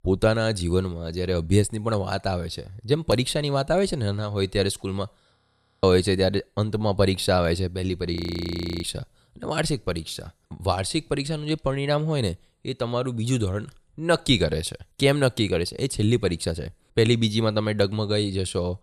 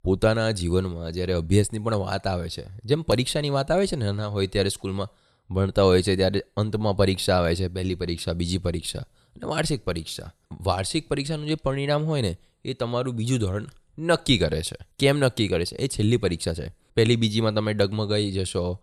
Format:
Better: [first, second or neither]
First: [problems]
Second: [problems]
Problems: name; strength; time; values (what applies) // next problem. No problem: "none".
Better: second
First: audio freezing; at 5.5 s and at 8 s for 0.5 s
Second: none